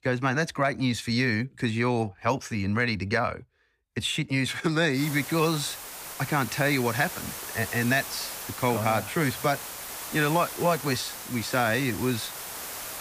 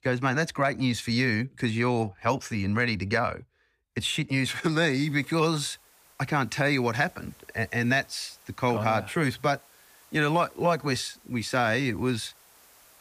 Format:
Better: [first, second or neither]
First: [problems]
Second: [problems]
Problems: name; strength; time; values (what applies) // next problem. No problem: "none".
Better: second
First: hiss; loud; from 5 s on; 9 dB below the speech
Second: hiss; faint; from 5 s on; 30 dB below the speech